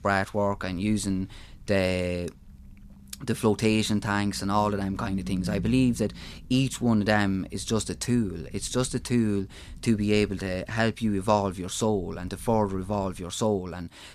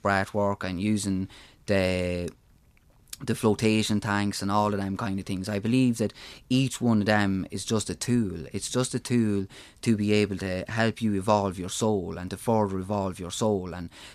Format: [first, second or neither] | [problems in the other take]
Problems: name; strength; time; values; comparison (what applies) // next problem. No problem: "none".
second | low rumble; faint; throughout; 25 dB below the speech